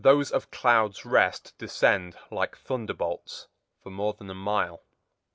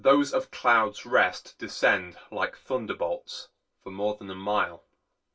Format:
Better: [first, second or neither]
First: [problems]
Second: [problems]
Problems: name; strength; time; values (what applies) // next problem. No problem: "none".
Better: first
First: none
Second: room echo; dies away in 0.1 s